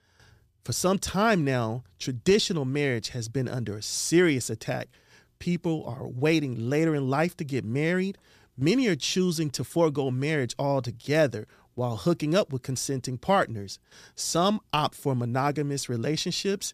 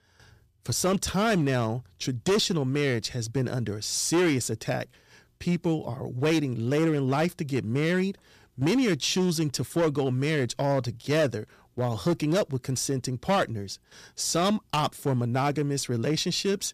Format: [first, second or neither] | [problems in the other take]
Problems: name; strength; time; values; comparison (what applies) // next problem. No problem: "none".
first | distortion; slight; 7% of the sound clipped